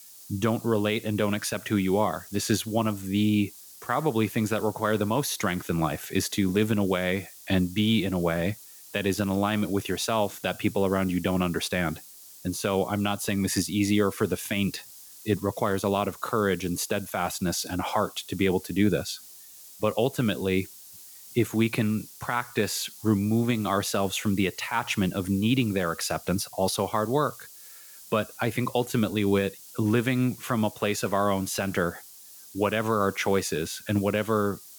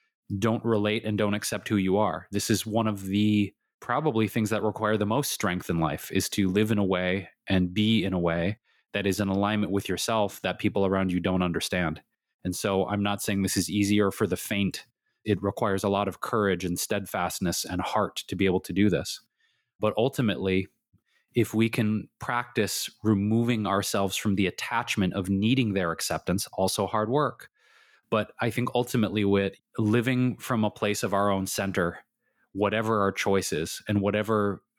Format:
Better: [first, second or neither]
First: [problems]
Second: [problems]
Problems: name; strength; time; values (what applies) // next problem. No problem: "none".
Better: second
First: hiss; noticeable; throughout; 15 dB below the speech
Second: none